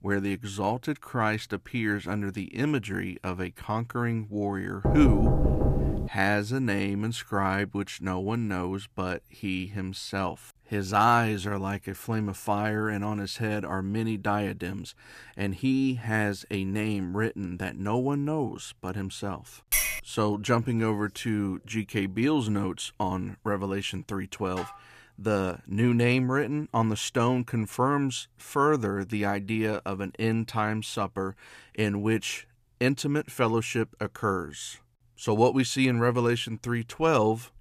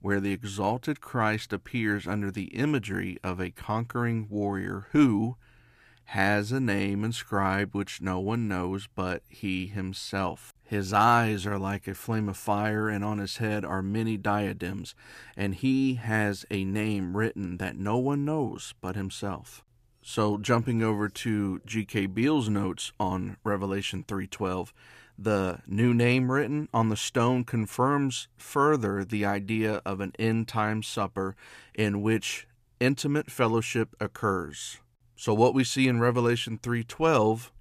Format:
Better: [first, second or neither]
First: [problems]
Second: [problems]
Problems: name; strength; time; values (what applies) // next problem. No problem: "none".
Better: second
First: door banging; loud; from 5 to 6 s; peak 3 dB above the speech // clattering dishes; loud; at 20 s; peak 3 dB above the speech // clattering dishes; faint; at 25 s; peak 15 dB below the speech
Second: none